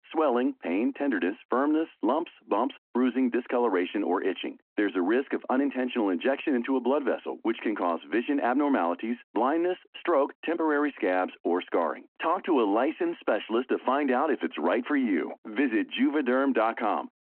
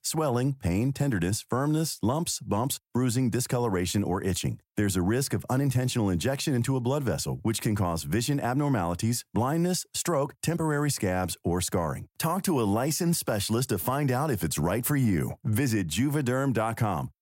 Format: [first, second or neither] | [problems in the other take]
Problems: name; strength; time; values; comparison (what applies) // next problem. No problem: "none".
second | phone-call audio